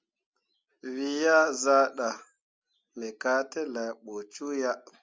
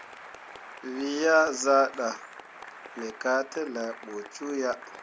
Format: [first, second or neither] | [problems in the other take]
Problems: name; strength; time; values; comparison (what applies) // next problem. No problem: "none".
first | background sound (Applause); 16 dB below the speech